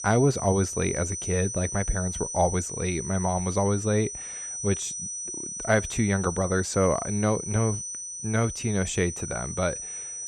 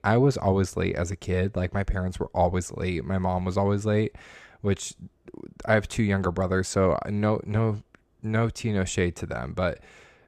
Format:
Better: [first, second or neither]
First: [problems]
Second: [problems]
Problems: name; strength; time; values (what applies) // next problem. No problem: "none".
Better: second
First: high-pitched whine; loud; throughout; 6 kHz, 6 dB below the speech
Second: none